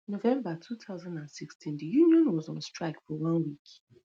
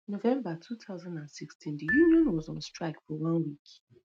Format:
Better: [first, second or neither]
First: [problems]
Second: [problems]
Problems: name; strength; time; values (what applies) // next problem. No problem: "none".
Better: first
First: none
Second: noise reduction (neural mask model RNNoise)